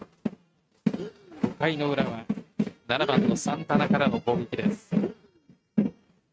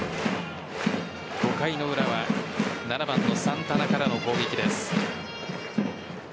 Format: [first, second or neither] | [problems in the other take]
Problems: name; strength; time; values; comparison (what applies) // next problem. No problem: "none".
second | noise reduction (neural mask model RNNoise)